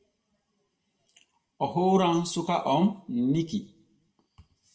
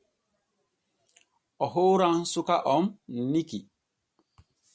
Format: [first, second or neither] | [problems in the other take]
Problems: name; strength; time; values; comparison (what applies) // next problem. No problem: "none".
second | room echo; dies away in 0.6 s